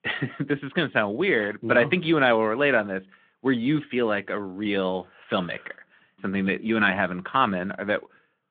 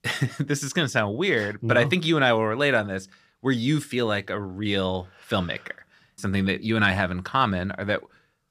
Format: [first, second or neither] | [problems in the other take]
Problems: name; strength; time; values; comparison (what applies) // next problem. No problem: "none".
second | phone-call audio